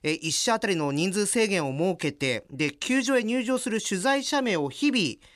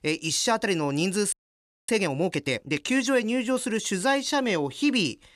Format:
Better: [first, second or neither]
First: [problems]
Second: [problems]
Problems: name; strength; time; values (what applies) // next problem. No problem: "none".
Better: first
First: none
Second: audio freezing; at 1.5 s for 0.5 s